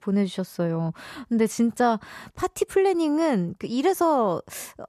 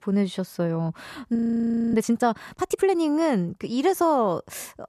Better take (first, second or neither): first